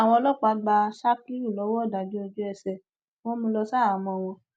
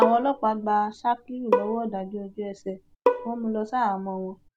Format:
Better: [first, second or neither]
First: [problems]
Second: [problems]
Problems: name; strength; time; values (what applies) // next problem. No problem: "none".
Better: first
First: none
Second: background sound (Bowed string instrument); 3 dB below the speech